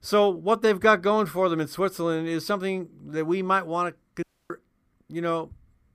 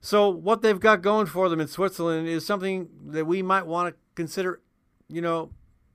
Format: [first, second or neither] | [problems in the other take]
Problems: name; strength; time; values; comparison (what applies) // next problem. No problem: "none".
second | audio cutting out; at 4 s